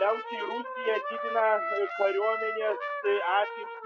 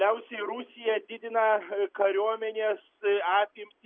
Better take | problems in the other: second | noise reduction (classical method Wiener filter)

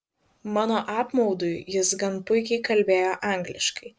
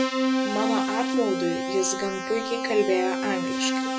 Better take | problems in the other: first | background sound (Keyboard (musical)); 1 dB above the speech // room echo; dies away in 0.3 s

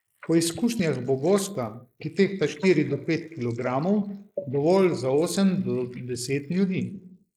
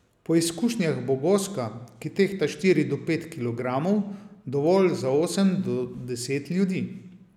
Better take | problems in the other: second | noise reduction (neural mask model Resemble Enhance denoiser)

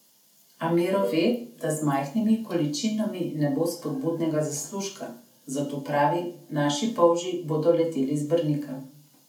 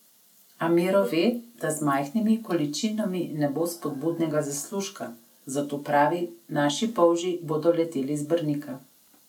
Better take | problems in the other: second | room echo; dies away in 0.4 s

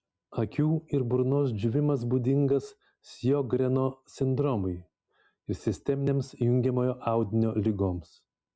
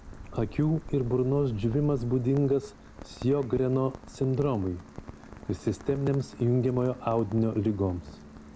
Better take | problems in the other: first | background sound (Rain); 16 dB below the speech

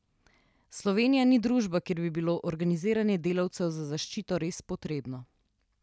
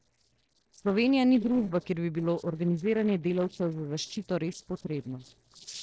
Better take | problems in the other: first | noise reduction (neural separator model SepFormer DNS4)

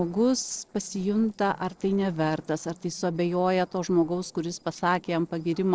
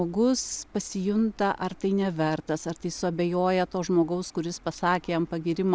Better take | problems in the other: second | noise reduction (neural separator model SepFormer DNS4)

